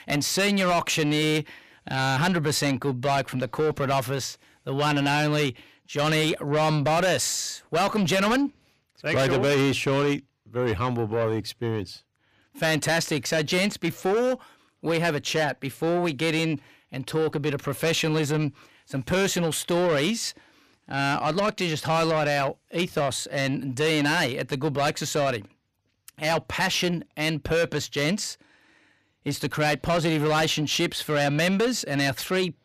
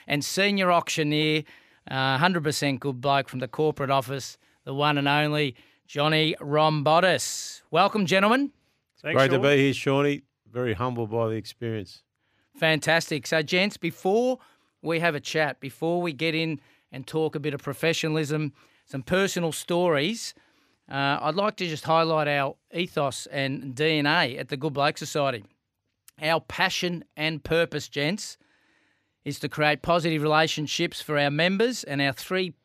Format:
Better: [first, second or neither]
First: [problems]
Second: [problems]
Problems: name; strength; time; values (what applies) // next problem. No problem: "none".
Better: second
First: distortion; heavy; 7 dB below the speech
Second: none